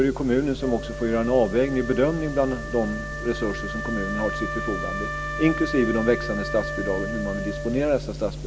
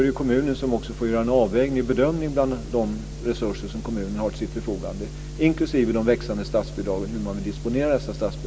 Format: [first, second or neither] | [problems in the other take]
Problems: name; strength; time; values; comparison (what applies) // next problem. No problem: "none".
second | background sound (Wind instrument, woodwind instrument); 9 dB below the speech